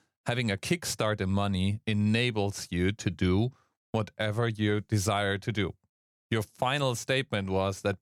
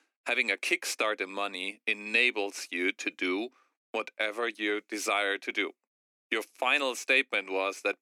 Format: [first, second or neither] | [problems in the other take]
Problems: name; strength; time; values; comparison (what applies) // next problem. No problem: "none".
first | thin; somewhat; fading below 250 Hz